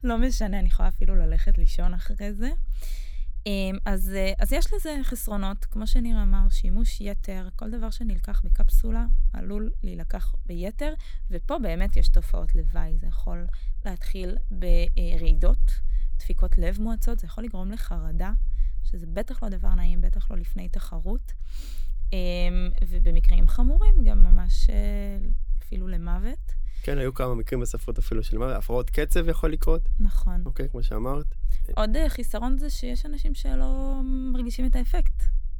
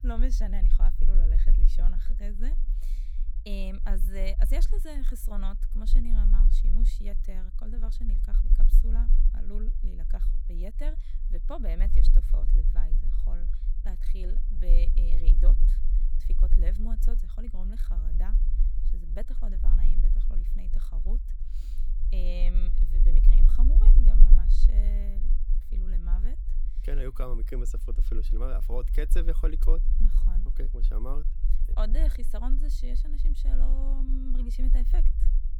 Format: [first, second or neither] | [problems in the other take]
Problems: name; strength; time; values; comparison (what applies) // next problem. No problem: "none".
first | low rumble; loud; throughout; 8 dB below the speech; faint in the first